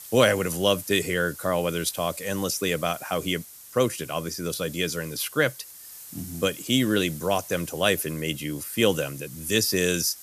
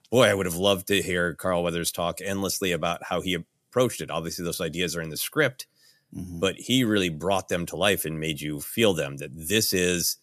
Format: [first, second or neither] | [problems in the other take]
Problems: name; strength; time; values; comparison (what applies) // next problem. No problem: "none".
second | hiss; noticeable; throughout; 15 dB below the speech